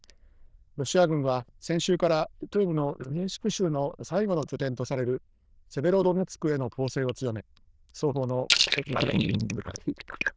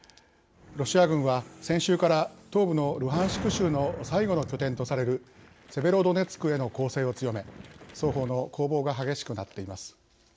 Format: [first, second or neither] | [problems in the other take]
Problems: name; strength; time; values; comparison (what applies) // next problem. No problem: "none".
second | noise reduction (neural diffusion model UNIVERSE++)